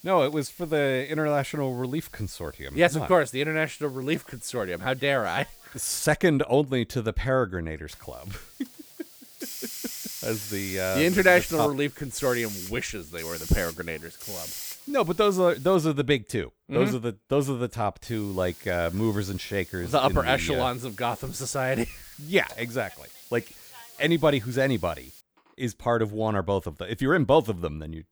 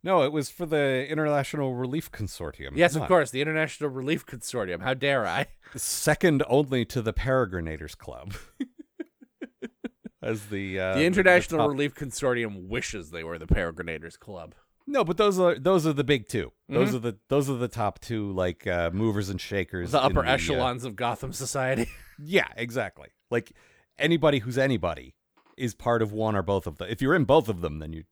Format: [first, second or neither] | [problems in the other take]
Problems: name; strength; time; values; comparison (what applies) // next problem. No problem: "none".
second | hiss; noticeable; until 6 s, from 8 to 16 s and from 18 to 25 s; 15 dB below the speech